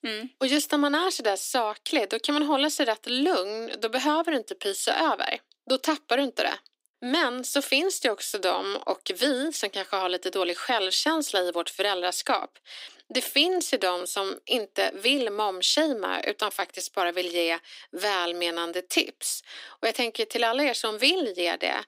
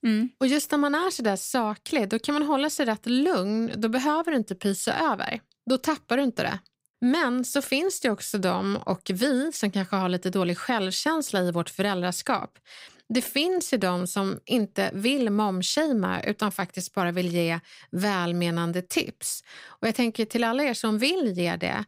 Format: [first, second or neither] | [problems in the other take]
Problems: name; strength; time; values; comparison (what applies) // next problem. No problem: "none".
second | thin; somewhat; fading below 300 Hz